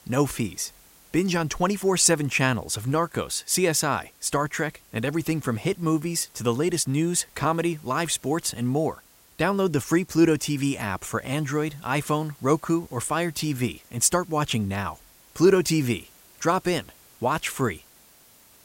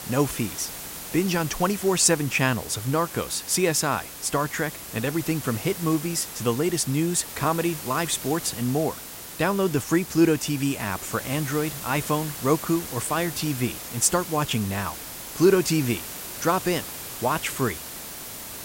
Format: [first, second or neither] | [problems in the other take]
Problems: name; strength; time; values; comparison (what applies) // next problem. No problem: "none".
first | hiss; loud; throughout; 10 dB below the speech; faint in the first